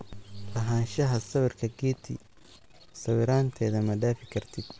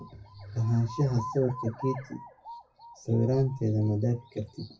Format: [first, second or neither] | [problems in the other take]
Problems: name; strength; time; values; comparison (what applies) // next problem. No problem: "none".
first | noise reduction (classical method WPE with log-MMSE)